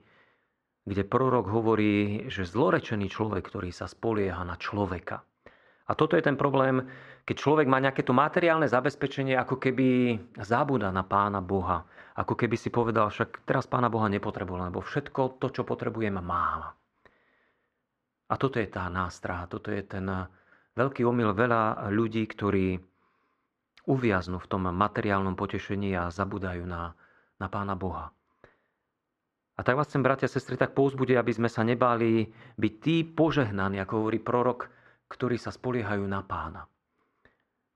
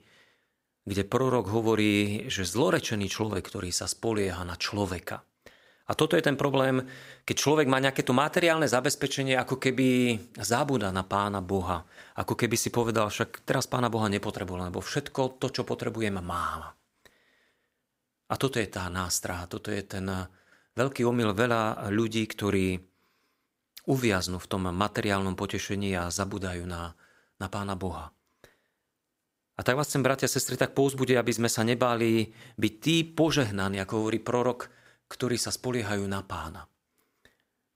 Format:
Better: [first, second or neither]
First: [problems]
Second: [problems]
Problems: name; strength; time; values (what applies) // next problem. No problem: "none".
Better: second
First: muffled; very; fading above 2 kHz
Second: none